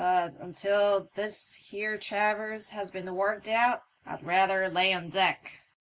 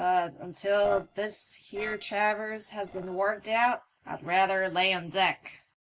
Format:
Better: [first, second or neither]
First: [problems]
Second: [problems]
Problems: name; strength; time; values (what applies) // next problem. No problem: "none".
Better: first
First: none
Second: noise reduction (neural separator model SepFormer DNS4)